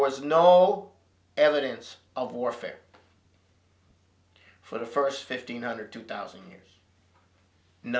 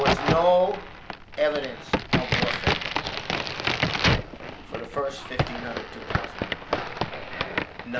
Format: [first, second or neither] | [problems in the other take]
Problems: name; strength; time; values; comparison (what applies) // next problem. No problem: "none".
first | background sound (Crack); 2 dB above the speech